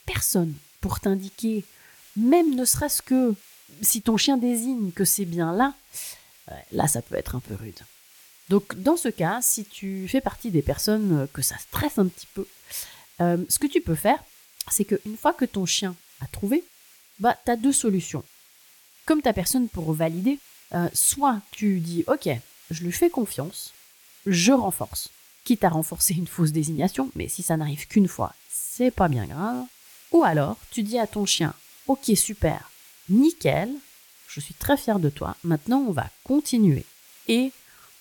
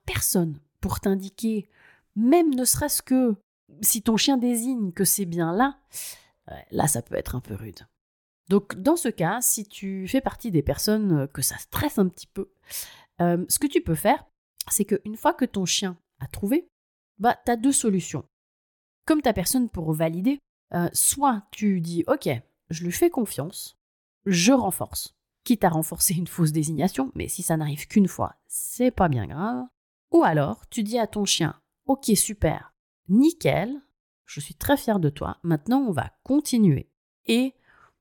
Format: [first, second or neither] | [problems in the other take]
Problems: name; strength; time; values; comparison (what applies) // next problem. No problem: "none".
second | hiss; faint; throughout; 25 dB below the speech